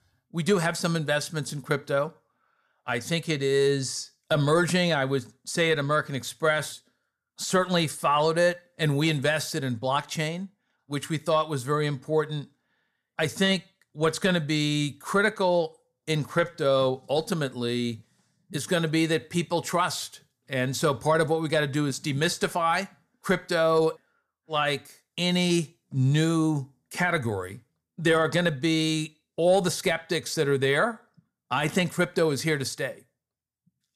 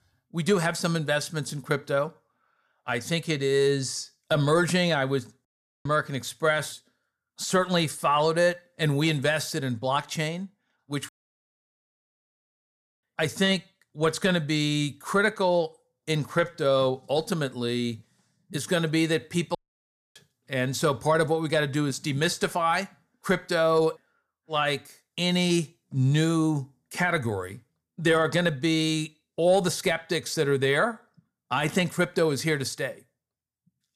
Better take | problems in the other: first | audio cutting out; at 5.5 s, at 11 s for 2 s and at 20 s for 0.5 s

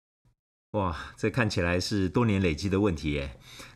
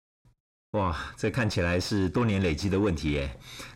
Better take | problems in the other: first | distortion; slight; 10 dB below the speech

